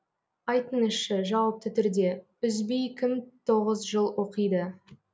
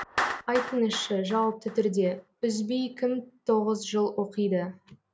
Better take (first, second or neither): first